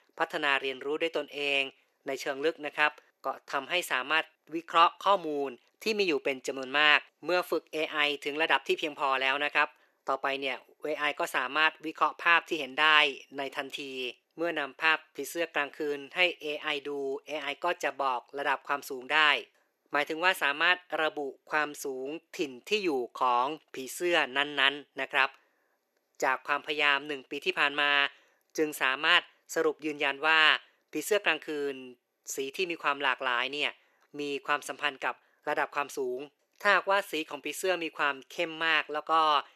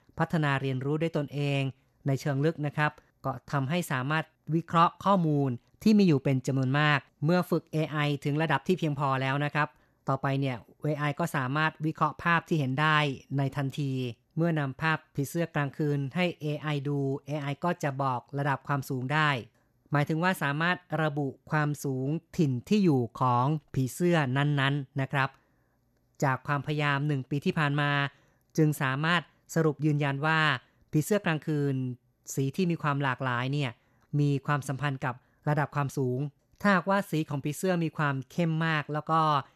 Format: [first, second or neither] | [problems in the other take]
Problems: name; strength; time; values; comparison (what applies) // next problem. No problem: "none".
second | thin; very; fading below 400 Hz